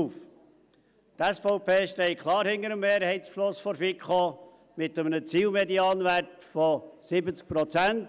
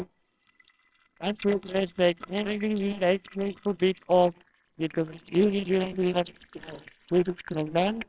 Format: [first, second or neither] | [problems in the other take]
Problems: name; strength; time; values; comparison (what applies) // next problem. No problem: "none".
first | noise reduction (neural separator model SepFormer WHAMR!)